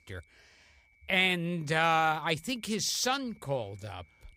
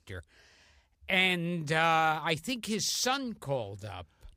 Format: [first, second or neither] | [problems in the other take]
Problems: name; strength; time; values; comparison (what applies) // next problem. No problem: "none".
second | high-pitched whine; faint; throughout; 2.5 kHz, 35 dB below the speech